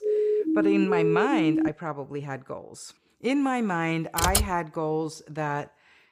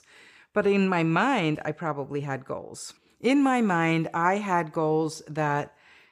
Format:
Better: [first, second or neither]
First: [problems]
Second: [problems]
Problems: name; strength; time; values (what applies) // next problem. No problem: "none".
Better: second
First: siren; loud; until 1.5 s; peak 4 dB above the speech // keyboard typing; loud; at 4 s; peak 4 dB above the speech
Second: none